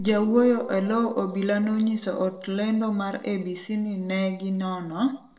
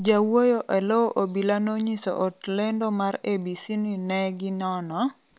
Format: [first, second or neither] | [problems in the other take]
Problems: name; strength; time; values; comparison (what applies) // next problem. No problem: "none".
second | noise reduction (neural separator model SepFormer DNS4)